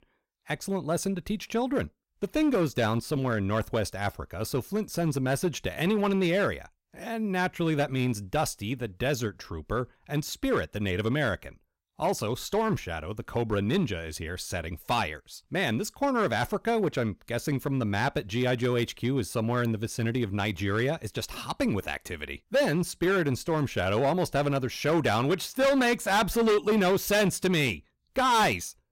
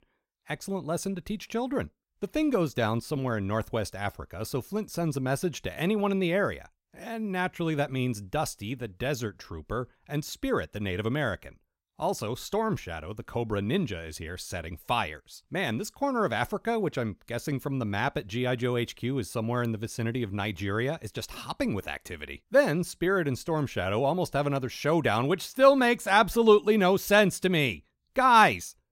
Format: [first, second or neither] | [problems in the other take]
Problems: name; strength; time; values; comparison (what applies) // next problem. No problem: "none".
second | distortion; heavy; 7% of the sound clipped